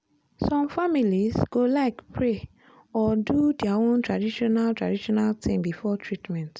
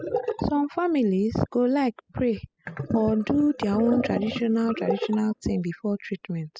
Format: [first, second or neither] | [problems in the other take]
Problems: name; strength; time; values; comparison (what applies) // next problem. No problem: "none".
first | noise reduction (classical method spectral subtraction)